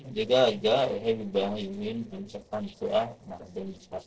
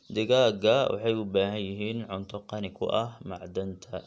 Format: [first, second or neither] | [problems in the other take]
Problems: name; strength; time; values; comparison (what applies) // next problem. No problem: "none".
second | noise reduction (neural separator model SepFormer DNS4)